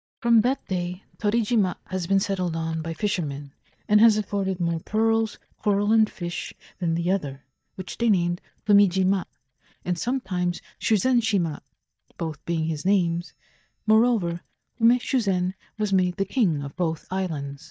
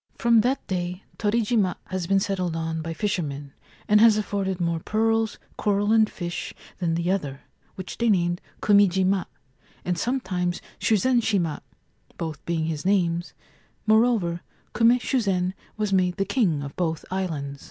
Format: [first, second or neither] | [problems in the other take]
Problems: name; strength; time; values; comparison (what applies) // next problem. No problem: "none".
second | noise reduction (neural mask model DeepFilterNet 3)